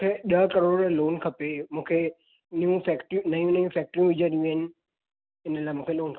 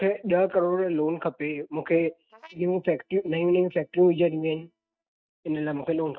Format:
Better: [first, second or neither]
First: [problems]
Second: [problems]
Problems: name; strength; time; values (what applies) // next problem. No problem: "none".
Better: first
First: none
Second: noise reduction (neural mask model DeepFilterNet 3)